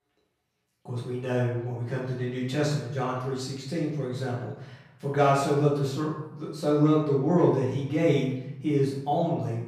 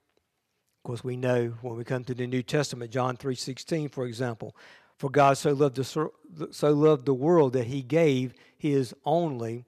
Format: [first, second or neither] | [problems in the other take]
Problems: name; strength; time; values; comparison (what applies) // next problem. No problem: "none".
second | off-mic speech; far // room echo; noticeable; dies away in 0.8 s